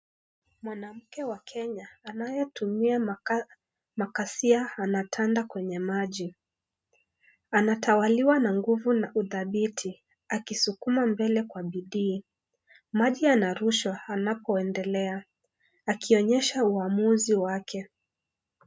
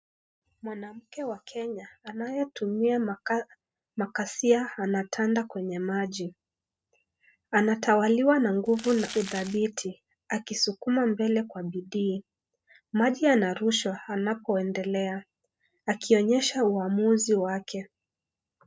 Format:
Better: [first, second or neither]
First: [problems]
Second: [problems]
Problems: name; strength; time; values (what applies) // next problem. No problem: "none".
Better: first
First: none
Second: noise reduction (neural separator model SepFormer DNS4)